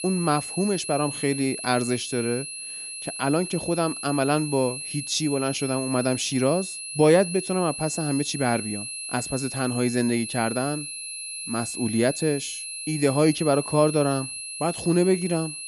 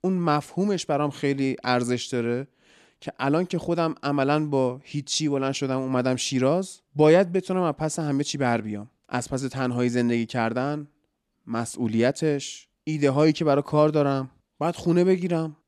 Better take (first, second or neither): second